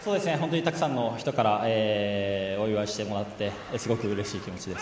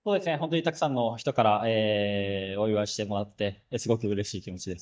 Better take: first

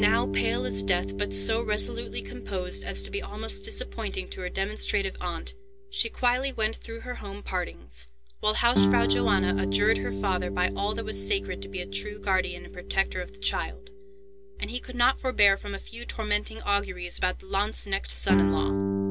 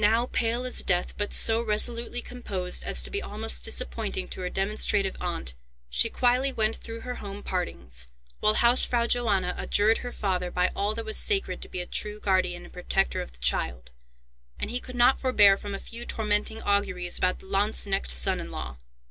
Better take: second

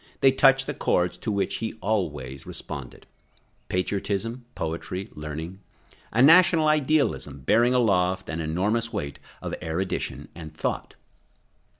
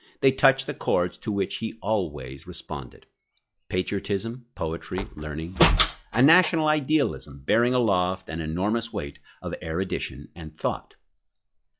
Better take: first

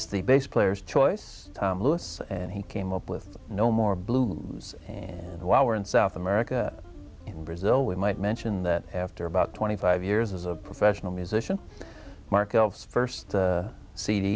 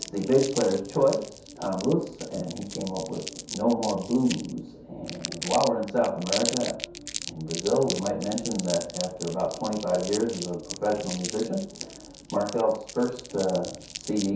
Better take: first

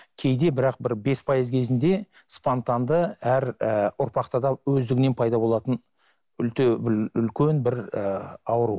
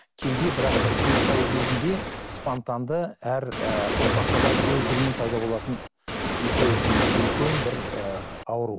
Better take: first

